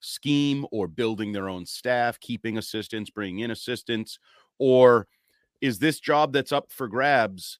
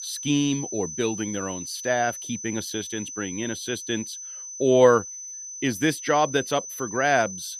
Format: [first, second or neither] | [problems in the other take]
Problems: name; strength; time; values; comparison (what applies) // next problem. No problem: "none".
first | high-pitched whine; loud; throughout; 6 kHz, 9 dB below the speech